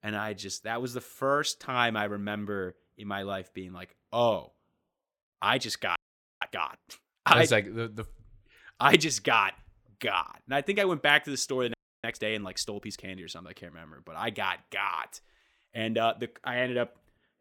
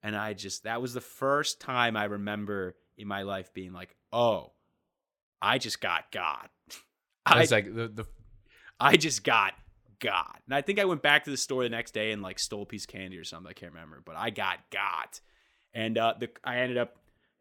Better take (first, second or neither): second